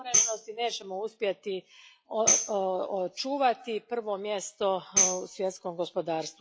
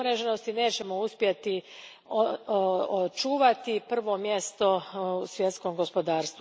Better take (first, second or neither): second